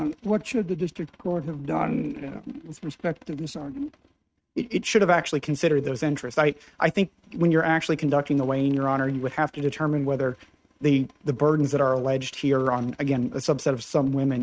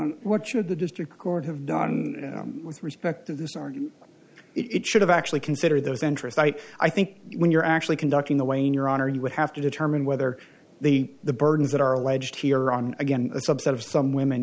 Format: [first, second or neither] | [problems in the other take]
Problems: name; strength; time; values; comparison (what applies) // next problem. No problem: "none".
second | noise reduction (neural mask model RNNoise)